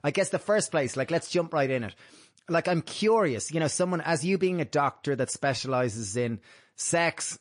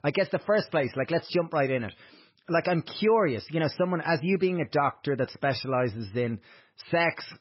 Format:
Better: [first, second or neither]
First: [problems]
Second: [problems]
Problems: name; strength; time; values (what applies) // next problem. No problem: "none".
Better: first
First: garbled, watery; slightly; nothing above 10.5 kHz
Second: garbled, watery; badly; nothing above 5.5 kHz